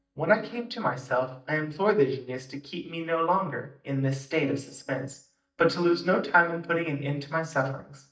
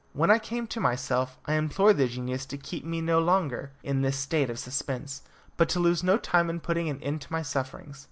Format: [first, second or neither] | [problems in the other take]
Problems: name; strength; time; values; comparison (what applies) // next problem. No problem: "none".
second | noise reduction (neural mask model DeepFilterNet 3)